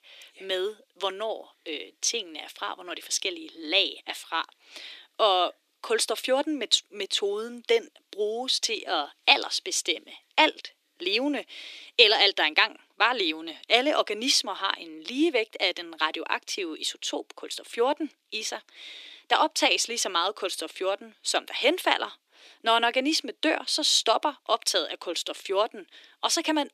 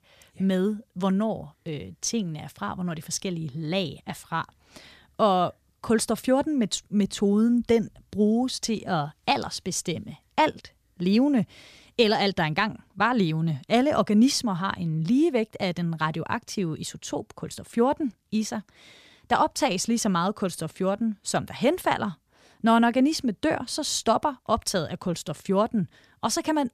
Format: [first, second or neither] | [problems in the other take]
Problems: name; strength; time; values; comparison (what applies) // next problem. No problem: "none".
second | thin; somewhat; fading below 300 Hz